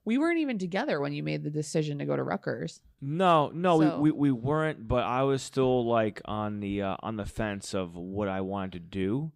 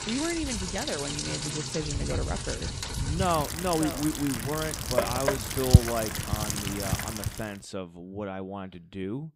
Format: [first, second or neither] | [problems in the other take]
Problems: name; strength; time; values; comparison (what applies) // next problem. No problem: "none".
first | rain or running water; very loud; until 7.5 s; 3 dB above the speech